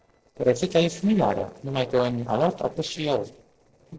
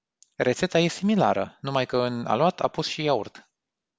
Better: second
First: noise reduction (neural separator model SepFormer DNS4)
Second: none

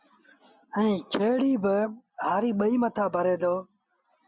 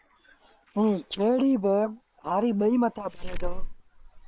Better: first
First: none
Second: noise reduction (neural separator model SepFormer WHAM!)

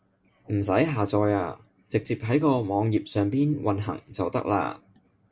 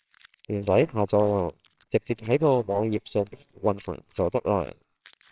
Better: first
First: none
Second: noise reduction (neural separator model SepFormer WHAMR!)

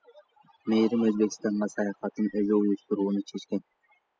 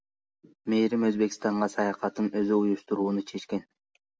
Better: second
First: noise reduction (classical method spectral subtraction)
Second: none

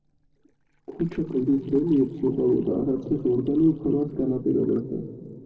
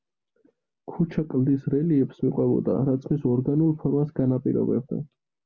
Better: second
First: noise reduction (neural separator model SepFormer DNS4)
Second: none

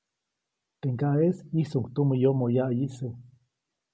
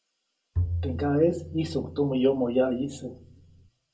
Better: first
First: none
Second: background sound (Bowed string instrument); 7 dB below the speech // room echo; dies away in 0.2 s

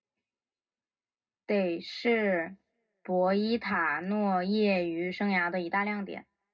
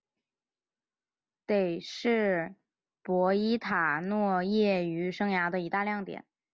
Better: second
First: room echo; dies away in 0.2 s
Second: none

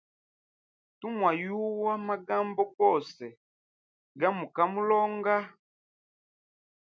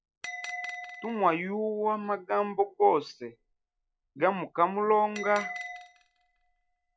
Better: first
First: none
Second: noise reduction (classical method log-MMSE)

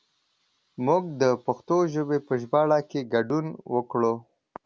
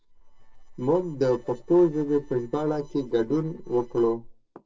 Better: first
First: none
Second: noise reduction (neural separator model SepFormer DNS4)

